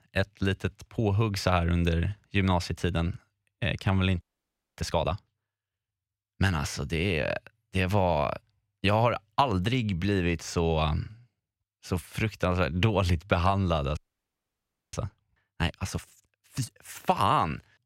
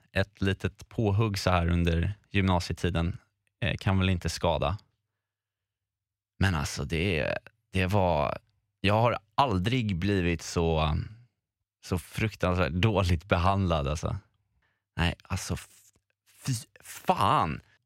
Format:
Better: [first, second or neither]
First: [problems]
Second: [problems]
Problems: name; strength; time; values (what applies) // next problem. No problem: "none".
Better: second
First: audio freezing; at 4 s for 0.5 s and at 14 s for 1 s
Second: none